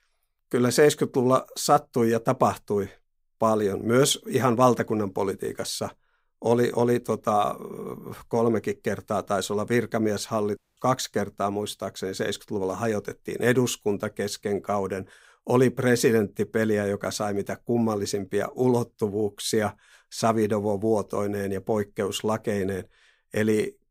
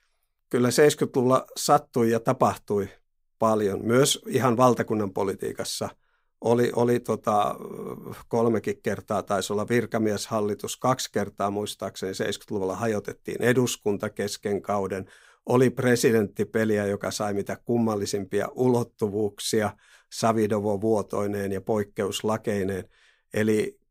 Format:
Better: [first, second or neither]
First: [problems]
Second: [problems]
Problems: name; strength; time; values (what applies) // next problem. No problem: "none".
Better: second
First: audio cutting out; at 11 s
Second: none